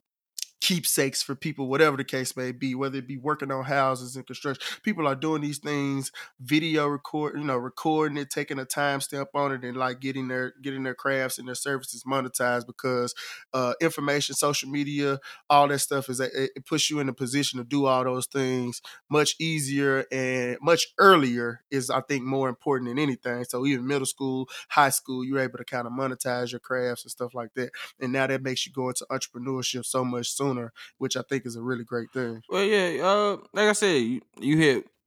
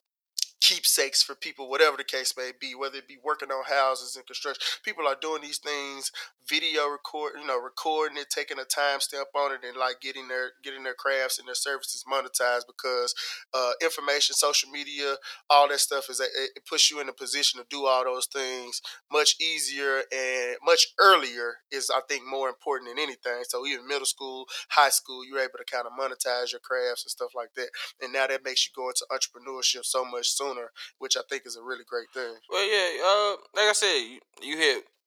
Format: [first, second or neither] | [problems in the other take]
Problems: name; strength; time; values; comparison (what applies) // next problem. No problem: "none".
first | thin; very; fading below 500 Hz